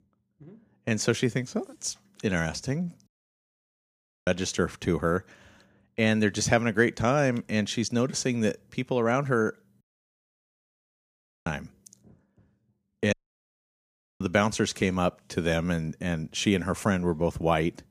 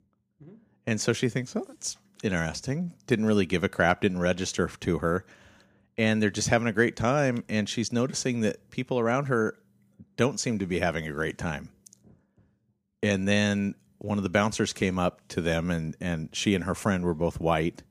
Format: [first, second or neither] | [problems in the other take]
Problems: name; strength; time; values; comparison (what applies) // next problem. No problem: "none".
second | audio cutting out; at 3 s for 1 s, at 10 s for 1.5 s and at 13 s for 1 s